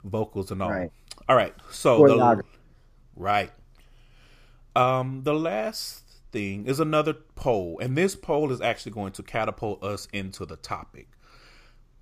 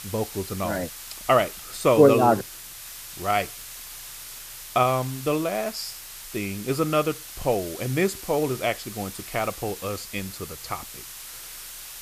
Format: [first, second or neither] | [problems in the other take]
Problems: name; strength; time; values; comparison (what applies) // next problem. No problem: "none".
first | hiss; noticeable; throughout; 10 dB below the speech